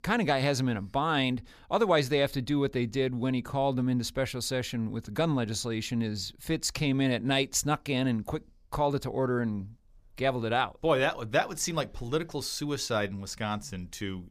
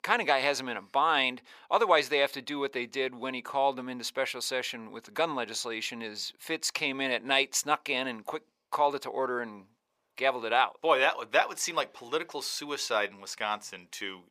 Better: first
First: none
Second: thin; somewhat; fading below 500 Hz

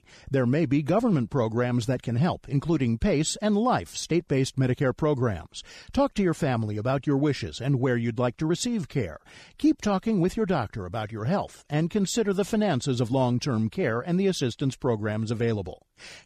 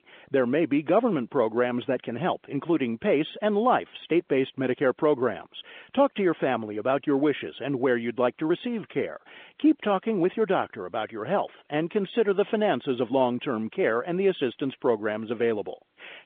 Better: first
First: none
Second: phone-call audio; nothing above 3.5 kHz

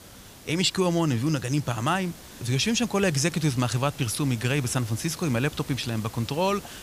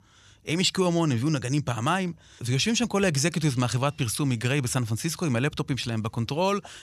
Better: second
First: hiss; noticeable; throughout; 20 dB below the speech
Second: none

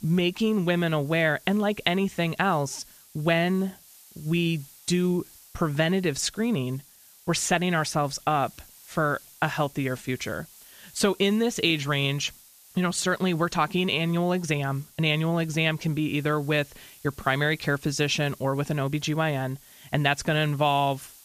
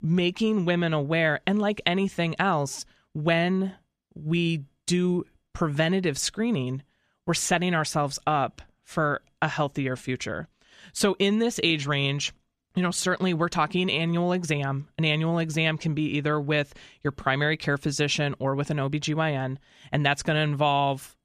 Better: second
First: hiss; faint; throughout; 25 dB below the speech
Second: none

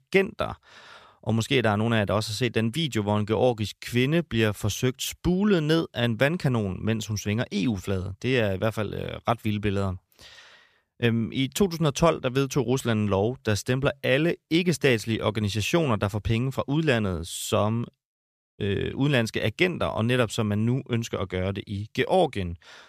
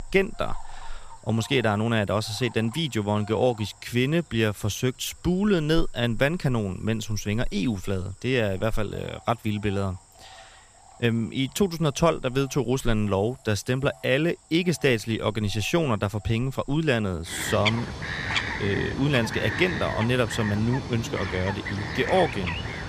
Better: first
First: none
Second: animal sounds; loud; throughout; 7 dB below the speech

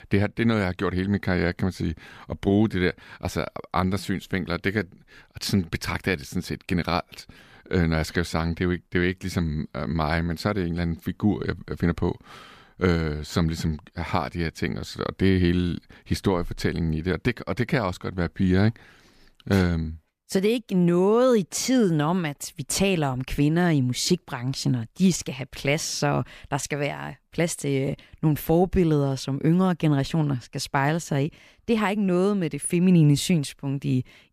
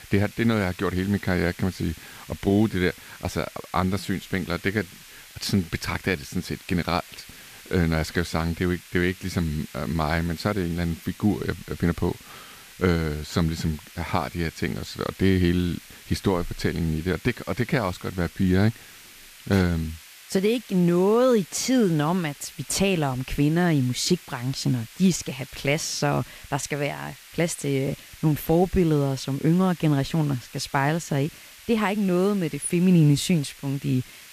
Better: first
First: none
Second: hiss; noticeable; throughout; 20 dB below the speech

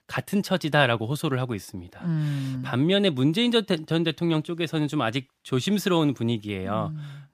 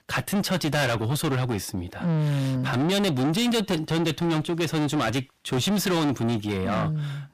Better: first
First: none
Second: distortion; heavy; 5 dB below the speech

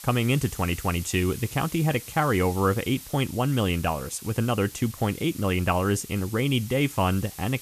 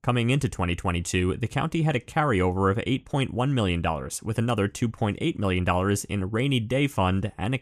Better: second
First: hiss; noticeable; throughout; 15 dB below the speech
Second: none

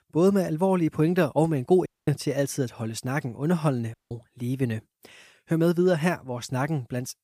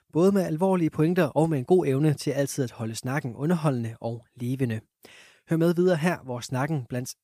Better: second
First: audio cutting out; at 2 s and at 4 s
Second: none

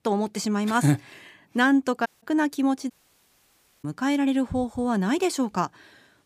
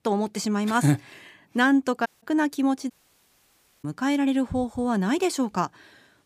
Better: neither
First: audio cutting out; at 2 s and at 3 s for 1 s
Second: audio cutting out; at 2 s and at 3 s for 1 s

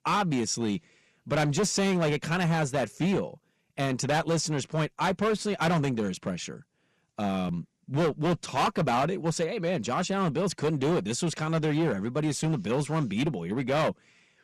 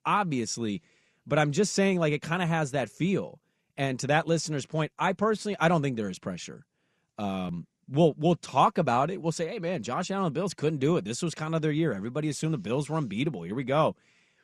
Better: second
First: distortion; heavy; 12% of the sound clipped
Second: none

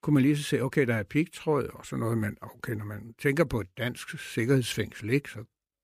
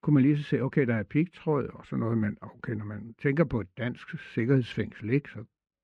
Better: first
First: none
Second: muffled; slightly; fading above 2.5 kHz

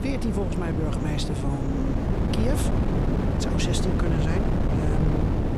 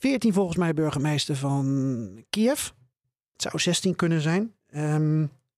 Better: second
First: wind noise on the microphone; heavy; 2 dB above the speech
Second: none

